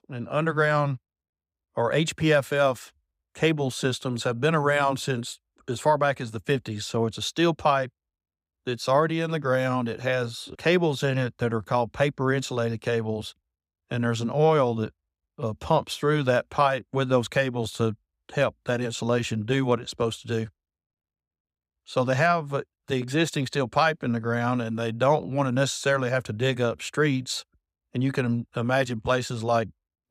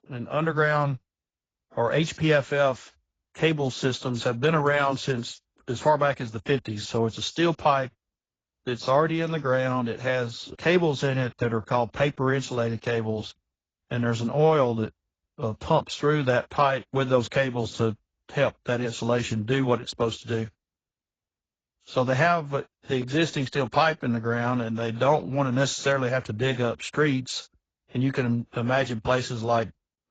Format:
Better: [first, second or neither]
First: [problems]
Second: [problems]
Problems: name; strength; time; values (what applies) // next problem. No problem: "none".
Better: first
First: none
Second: garbled, watery; badly; nothing above 7.5 kHz